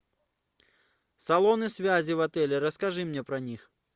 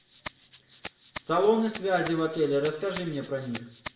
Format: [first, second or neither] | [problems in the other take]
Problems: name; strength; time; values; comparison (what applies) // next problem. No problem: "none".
first | background sound (Rattle (instrument)); 16 dB below the speech // room echo; dies away in 0.6 s